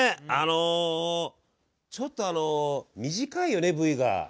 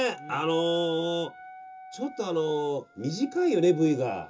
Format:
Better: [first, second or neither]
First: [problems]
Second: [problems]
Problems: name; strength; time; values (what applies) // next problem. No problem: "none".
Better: first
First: none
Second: background sound (Wind instrument, woodwind instrument); 19 dB below the speech // room echo; dies away in 0.2 s